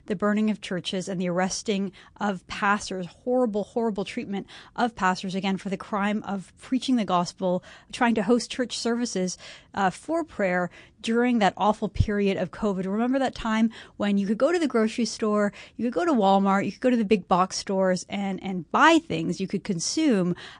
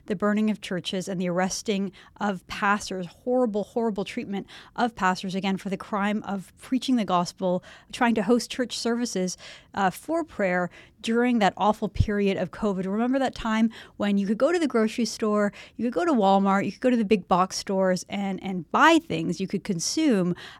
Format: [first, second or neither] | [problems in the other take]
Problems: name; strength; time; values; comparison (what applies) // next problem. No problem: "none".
second | garbled, watery; slightly; nothing above 8.5 kHz